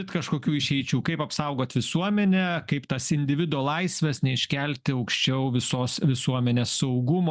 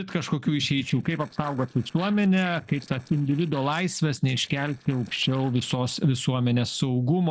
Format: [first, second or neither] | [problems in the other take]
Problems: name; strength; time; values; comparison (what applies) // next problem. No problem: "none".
first | noise reduction (neural separator model SepFormer DNS4)